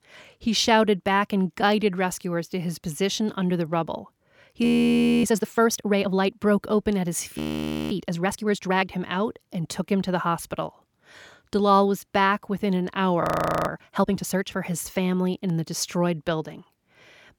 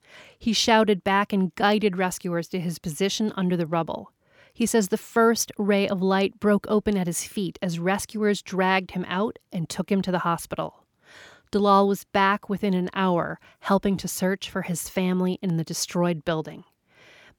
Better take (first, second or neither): second